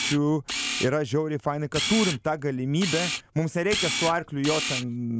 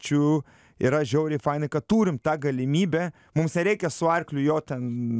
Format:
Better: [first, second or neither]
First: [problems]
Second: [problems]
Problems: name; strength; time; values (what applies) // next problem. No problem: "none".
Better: second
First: background sound (Camera); 5 dB below the speech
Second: none